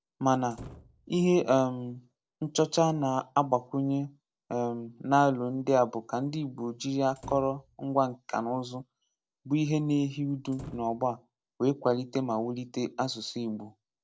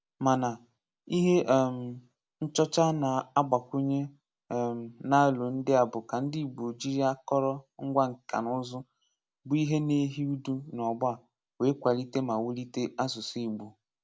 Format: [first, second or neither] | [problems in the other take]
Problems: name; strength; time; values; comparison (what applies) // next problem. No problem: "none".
second | noise reduction (neural separator model SepFormer DNS4)